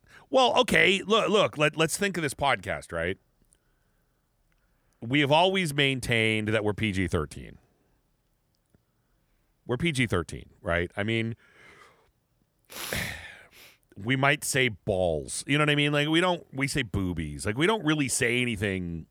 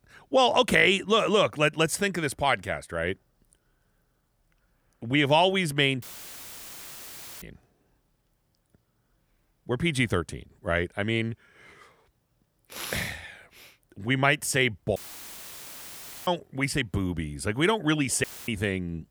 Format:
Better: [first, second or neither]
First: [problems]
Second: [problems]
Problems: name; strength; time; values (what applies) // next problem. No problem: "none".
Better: first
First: none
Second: audio cutting out; filled with static; at 6 s for 1.5 s, at 15 s for 1.5 s and at 18 s